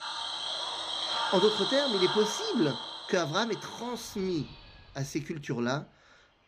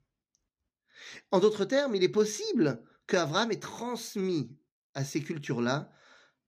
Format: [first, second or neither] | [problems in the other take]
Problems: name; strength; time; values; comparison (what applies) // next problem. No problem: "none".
second | animal sounds; loud; throughout; 2 dB below the speech